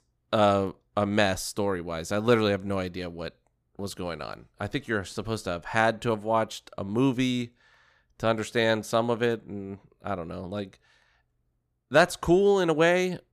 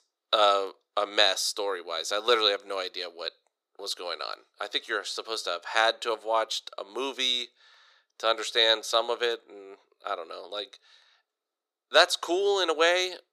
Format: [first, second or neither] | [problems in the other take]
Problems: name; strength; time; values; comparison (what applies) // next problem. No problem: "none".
first | thin; very; fading below 400 Hz